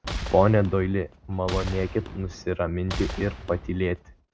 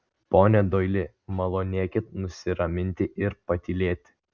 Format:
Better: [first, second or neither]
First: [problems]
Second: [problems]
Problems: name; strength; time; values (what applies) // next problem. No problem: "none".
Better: second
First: background sound (Boom); 10 dB below the speech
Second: none